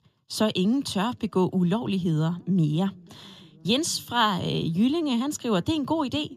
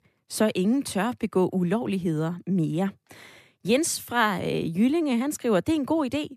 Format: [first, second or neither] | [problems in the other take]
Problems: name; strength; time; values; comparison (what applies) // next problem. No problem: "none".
second | room echo; slight; dies away in 3 s